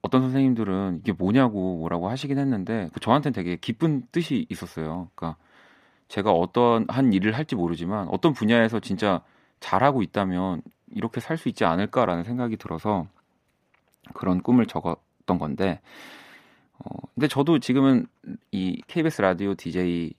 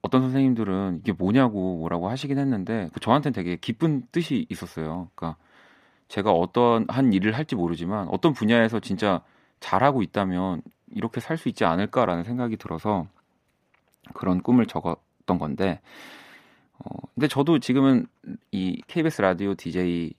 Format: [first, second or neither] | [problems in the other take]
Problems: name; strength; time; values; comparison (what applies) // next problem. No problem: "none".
neither | muffled; slightly; fading above 3.5 kHz; the same in both